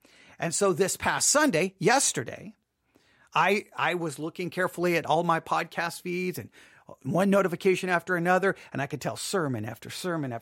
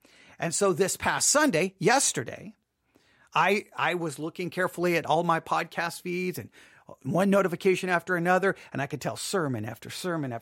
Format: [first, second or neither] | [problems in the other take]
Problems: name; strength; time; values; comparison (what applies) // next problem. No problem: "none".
neither | none